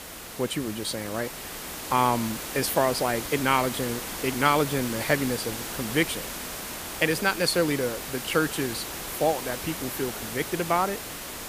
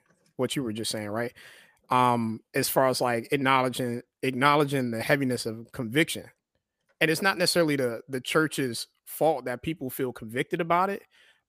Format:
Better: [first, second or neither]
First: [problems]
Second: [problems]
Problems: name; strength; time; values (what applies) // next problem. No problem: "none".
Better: second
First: hiss; loud; throughout; 6 dB below the speech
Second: none